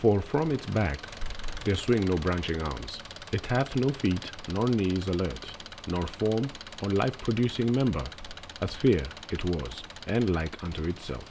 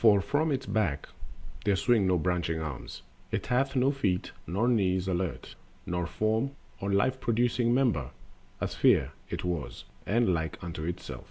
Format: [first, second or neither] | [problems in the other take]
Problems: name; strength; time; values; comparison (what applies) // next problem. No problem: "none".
second | background sound (Engine); 15 dB below the speech